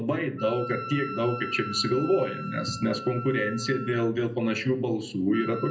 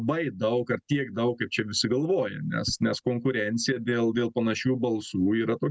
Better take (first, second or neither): second